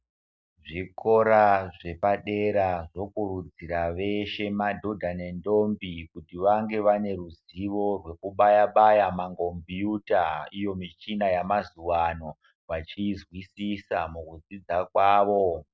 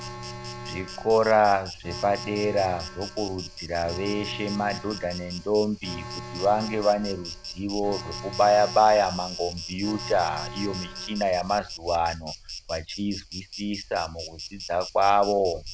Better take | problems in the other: first | background sound (Insect + Alarm); 12 dB below the speech

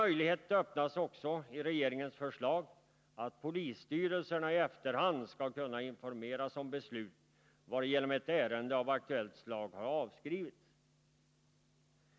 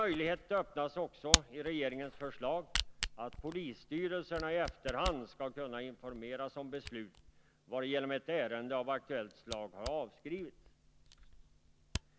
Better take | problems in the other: first | background sound (Camera); 4 dB below the speech

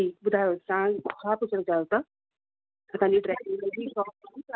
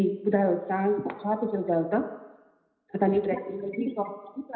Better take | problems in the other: first | room echo; dies away in 0.9 s

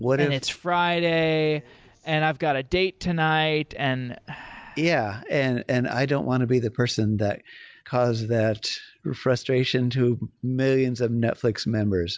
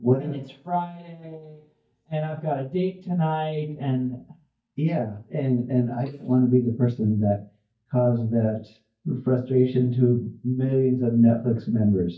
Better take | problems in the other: first | noise reduction (neural mask model DeepFilterNet 3)

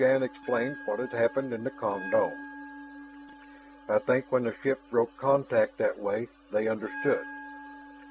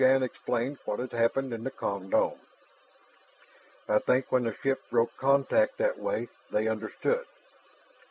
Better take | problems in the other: second | background sound (Bell); 15 dB below the speech

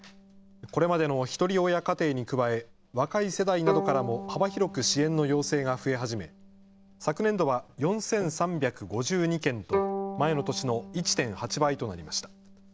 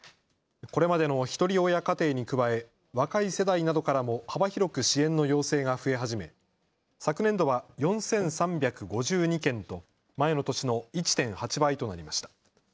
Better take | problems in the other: second | background sound (Bowed string instrument); 10 dB below the speech

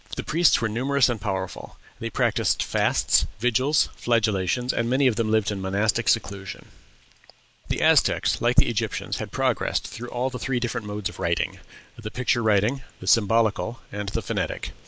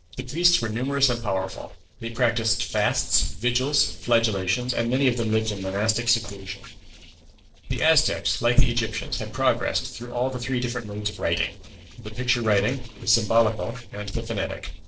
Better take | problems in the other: first | noise reduction (neural separator model SepFormer DNS4)

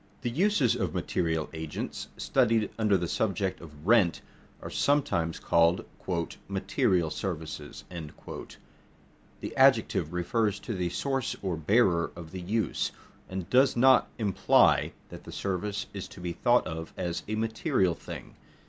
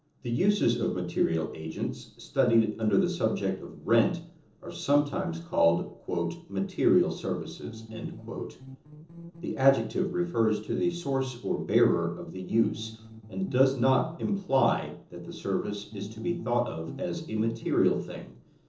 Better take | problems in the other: first | noise reduction (neural separator model SepFormer DNS4)

